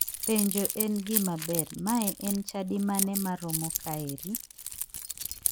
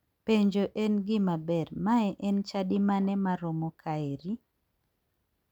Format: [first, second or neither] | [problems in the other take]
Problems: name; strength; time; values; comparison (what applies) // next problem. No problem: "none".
second | background sound (Keys jangling); 3 dB below the speech